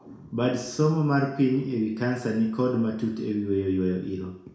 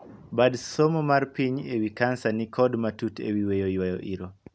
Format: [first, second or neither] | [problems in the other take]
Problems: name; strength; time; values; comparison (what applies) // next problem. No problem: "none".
second | room echo; dies away in 0.6 s